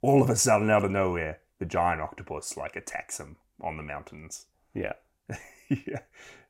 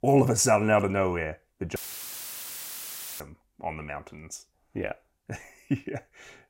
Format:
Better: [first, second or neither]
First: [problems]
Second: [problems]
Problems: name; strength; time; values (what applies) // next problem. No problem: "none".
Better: first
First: none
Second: audio cutting out; filled with static; at 2 s for 1.5 s